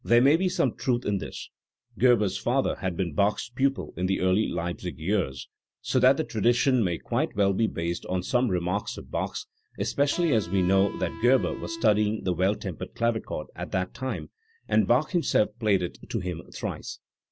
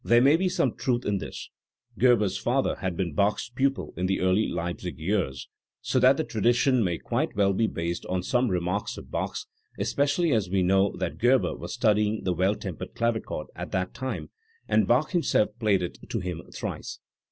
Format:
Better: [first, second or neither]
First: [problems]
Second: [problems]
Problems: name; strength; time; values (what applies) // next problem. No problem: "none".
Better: second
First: background sound (Electric guitar); 13 dB below the speech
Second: none